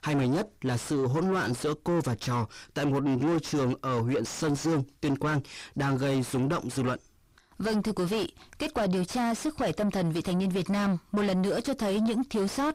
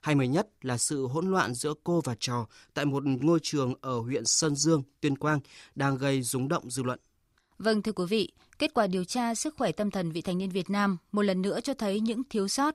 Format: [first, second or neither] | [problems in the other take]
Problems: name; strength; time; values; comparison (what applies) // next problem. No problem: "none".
second | distortion; heavy; 6 dB below the speech